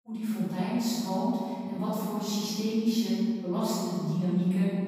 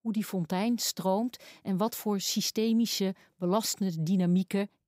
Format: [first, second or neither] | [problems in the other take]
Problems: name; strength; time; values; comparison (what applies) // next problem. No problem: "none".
second | room echo; strong; dies away in 2.4 s // off-mic speech; far